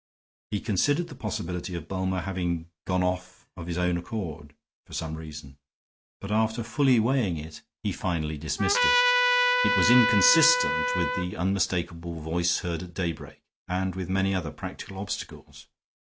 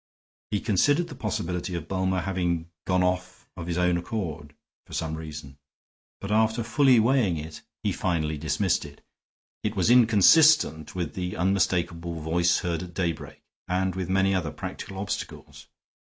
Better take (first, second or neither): second